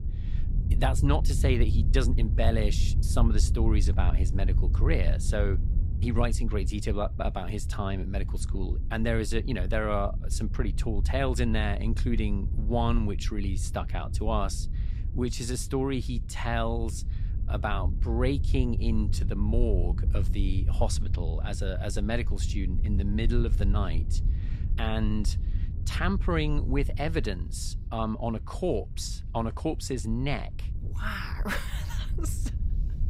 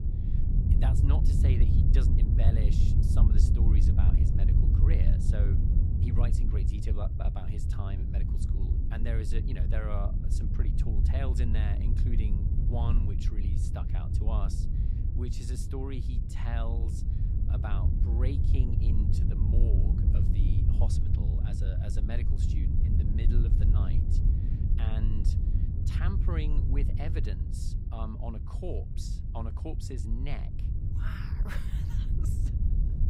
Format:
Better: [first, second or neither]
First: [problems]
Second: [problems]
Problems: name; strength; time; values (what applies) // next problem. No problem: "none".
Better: first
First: wind noise on the microphone; occasional gusts; 15 dB below the speech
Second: wind noise on the microphone; heavy; as loud as the speech